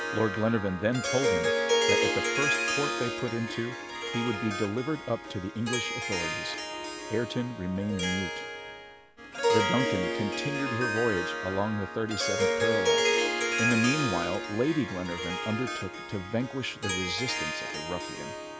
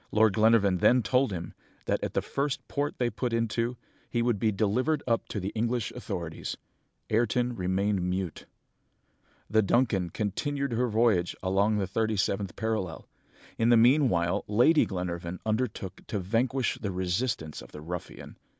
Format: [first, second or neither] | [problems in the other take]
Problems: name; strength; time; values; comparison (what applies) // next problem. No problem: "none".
second | background sound (Harp); 1 dB above the speech